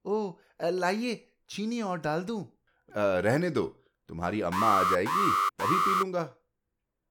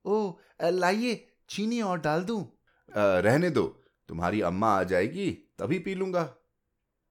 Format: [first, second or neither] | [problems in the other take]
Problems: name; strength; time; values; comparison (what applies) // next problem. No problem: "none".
second | alarm; loud; from 4.5 to 6 s; peak 6 dB above the speech